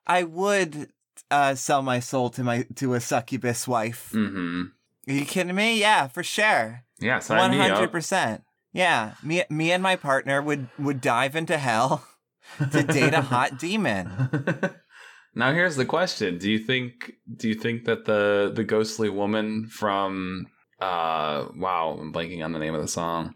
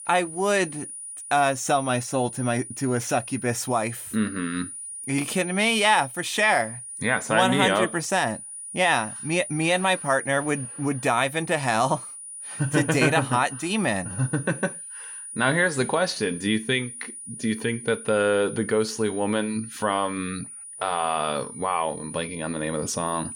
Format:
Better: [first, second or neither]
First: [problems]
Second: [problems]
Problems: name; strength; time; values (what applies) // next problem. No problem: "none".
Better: first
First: none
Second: high-pitched whine; noticeable; throughout; 9.5 kHz, 10 dB below the speech